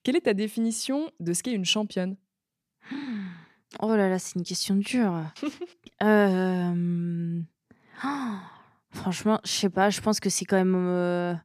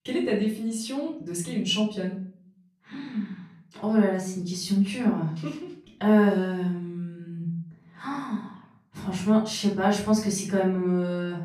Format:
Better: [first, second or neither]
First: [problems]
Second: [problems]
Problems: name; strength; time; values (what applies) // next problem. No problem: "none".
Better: first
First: none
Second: off-mic speech; far // room echo; slight; dies away in 0.6 s